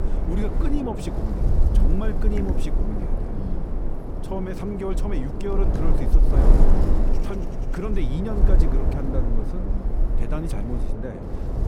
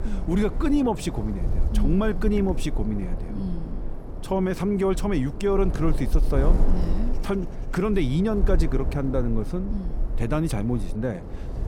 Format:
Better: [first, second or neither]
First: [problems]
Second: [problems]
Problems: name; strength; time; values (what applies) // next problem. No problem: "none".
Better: second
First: wind noise on the microphone; heavy; as loud as the speech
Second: wind noise on the microphone; occasional gusts; 10 dB below the speech